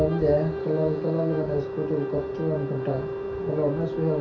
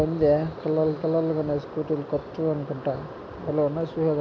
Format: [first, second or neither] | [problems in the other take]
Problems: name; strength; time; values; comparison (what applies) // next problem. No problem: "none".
second | background sound (Wind instrument, woodwind instrument); 6 dB below the speech // room echo; dies away in 0.3 s